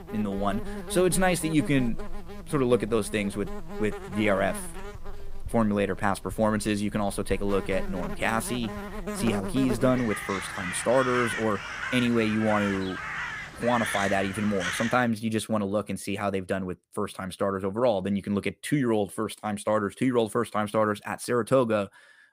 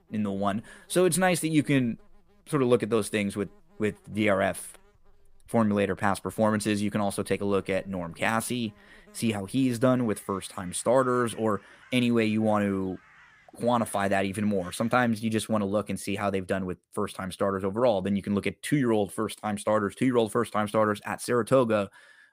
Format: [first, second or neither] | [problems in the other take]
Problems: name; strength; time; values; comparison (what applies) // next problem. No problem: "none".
second | animal sounds; loud; until 15 s; 8 dB below the speech; faint in the second